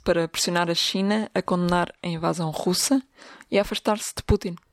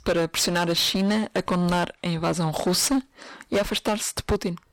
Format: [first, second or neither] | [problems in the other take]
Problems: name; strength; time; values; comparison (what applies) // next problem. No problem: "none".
first | distortion; heavy; 14% of the sound clipped